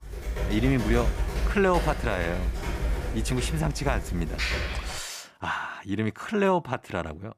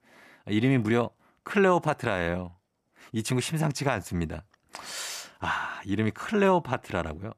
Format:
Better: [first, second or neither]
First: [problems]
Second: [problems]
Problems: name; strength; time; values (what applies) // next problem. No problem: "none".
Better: second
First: keyboard typing; loud; until 5 s; peak 1 dB above the speech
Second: none